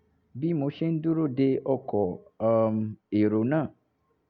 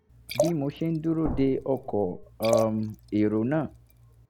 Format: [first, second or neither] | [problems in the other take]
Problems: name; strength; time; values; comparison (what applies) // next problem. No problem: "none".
first | background sound (Thump, thud + Liquid); 7 dB below the speech